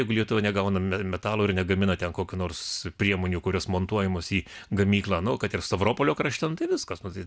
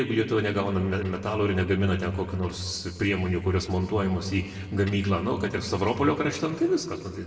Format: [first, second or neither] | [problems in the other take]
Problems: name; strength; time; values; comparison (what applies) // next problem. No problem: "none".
first | noise reduction (neural separator model SepFormer DNS4)